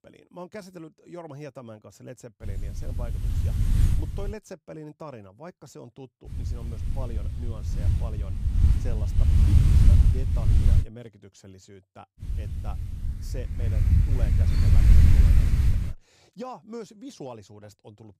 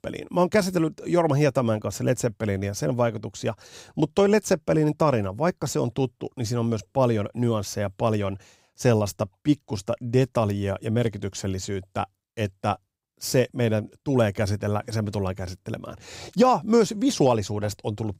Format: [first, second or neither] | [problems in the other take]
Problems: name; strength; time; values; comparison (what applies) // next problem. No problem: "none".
second | wind noise on the microphone; heavy; from 2.5 to 4.5 s, from 6.5 to 11 s and from 12 to 16 s; 5 dB above the speech